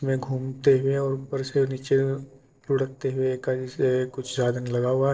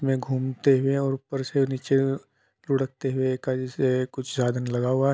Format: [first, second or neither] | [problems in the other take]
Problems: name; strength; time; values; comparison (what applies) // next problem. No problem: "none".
second | noise reduction (neural separator model SepFormer DNS4)